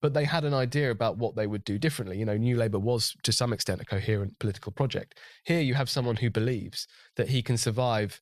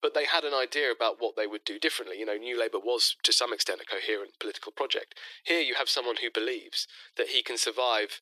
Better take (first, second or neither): first